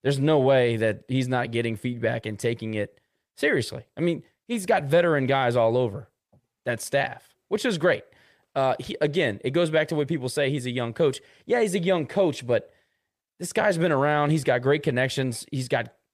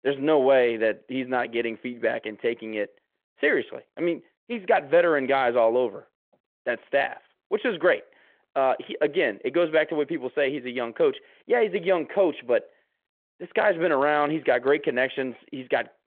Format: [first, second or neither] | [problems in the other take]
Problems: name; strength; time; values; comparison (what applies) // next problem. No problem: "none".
first | phone-call audio